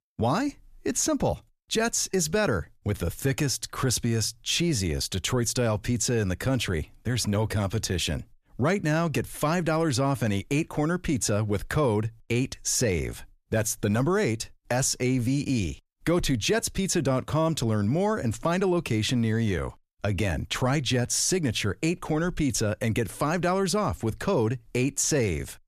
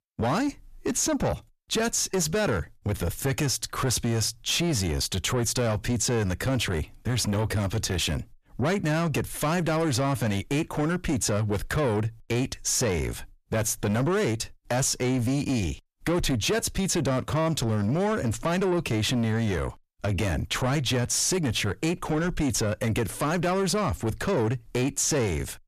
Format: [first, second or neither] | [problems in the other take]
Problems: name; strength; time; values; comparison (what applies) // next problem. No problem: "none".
first | distortion; slight; 10 dB below the speech